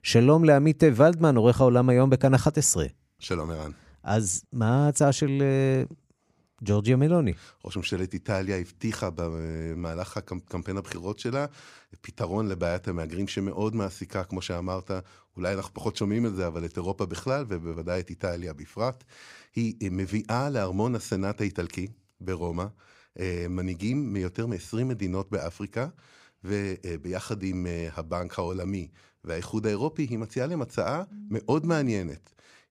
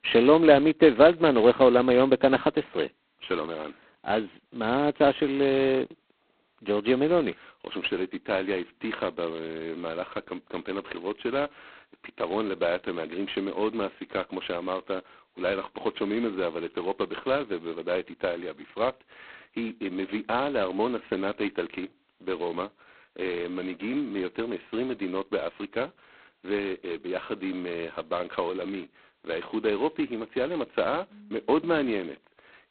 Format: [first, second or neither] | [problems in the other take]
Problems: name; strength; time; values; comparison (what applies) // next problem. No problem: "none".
first | phone-call audio; poor line; nothing above 4 kHz